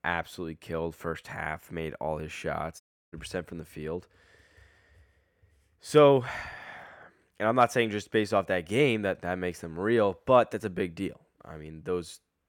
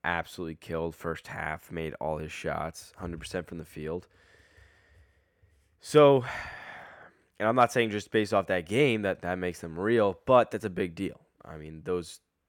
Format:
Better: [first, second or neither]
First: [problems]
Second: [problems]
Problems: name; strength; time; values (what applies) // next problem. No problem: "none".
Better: second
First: audio cutting out; at 3 s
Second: none